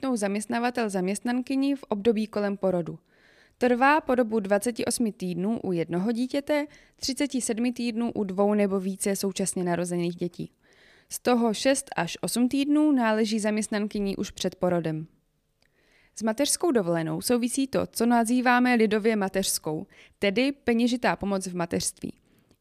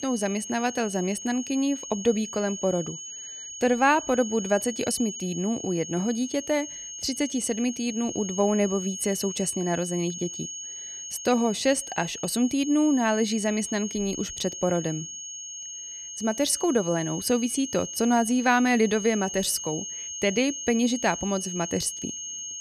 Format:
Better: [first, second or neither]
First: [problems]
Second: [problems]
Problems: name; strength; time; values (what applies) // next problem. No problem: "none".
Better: first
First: none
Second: high-pitched whine; loud; throughout; 6.5 kHz, 8 dB below the speech